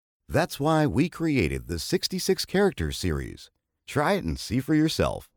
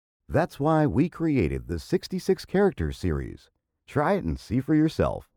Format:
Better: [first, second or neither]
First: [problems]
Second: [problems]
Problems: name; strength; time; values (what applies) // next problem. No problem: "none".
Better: first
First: none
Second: muffled; slightly; fading above 2 kHz